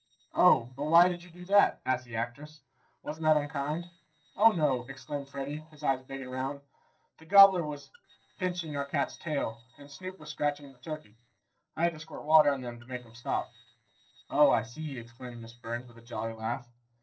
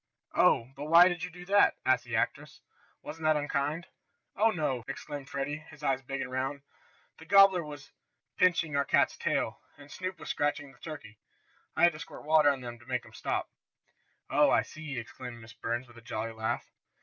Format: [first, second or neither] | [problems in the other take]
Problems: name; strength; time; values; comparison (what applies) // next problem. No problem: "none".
second | noise reduction (neural separator model SepFormer DNS4)